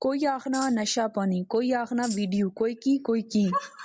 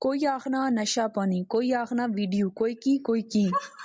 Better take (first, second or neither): second